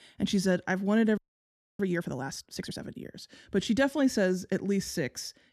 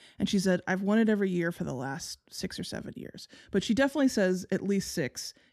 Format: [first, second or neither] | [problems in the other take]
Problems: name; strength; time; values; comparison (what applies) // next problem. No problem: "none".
second | audio freezing; at 1 s for 0.5 s